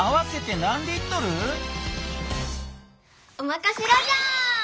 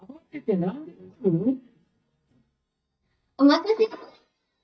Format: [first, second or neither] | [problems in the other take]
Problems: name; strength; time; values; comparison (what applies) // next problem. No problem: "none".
first | noise reduction (neural mask model DeepFilterNet 3)